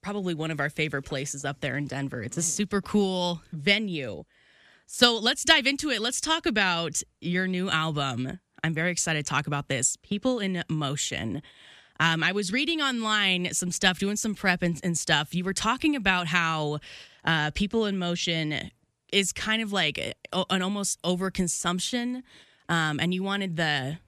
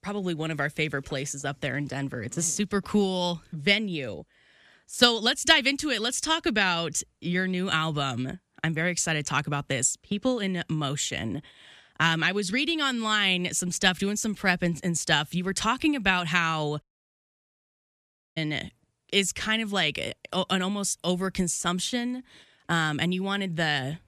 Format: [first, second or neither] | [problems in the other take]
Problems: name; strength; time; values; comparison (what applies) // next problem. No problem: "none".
first | audio cutting out; at 17 s for 1.5 s